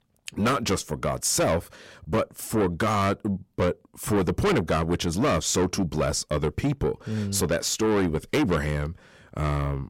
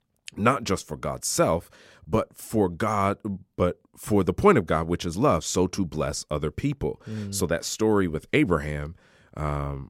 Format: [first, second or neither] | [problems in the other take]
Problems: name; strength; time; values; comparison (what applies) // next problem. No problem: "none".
second | distortion; heavy; 6 dB below the speech